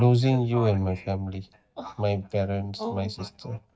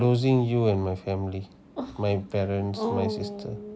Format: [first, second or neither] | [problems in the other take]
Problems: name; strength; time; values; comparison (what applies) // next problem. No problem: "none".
second | noise reduction (neural mask model DeepFilterNet 3)